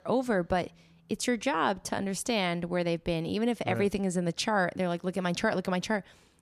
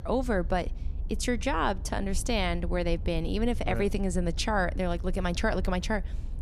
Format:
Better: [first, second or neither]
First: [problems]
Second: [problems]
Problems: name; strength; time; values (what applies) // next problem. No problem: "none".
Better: first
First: none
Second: low rumble; faint; throughout; 25 dB below the speech